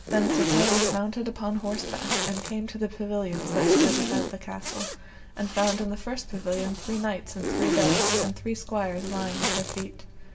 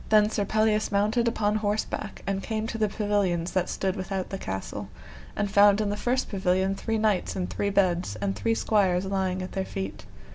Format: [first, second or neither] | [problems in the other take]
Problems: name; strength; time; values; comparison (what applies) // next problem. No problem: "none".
second | background sound (Zipper (clothing)); 1 dB above the speech // room echo; dies away in 1.7 s